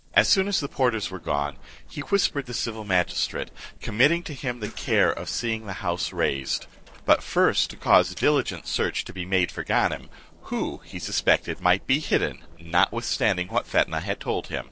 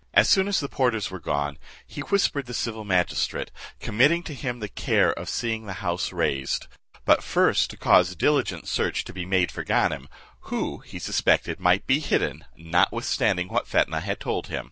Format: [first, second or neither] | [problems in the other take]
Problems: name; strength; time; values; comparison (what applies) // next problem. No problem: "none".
second | noise reduction (neural separator model SepFormer DNS4)